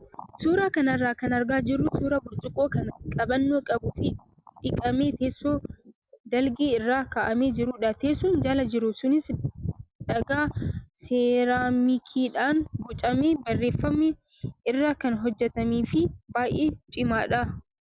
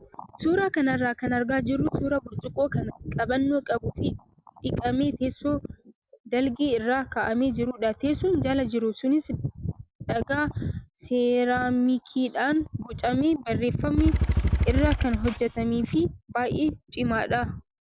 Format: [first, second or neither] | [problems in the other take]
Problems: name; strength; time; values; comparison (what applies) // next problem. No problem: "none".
first | background sound (Motorcycle / Engine); 1 dB above the speech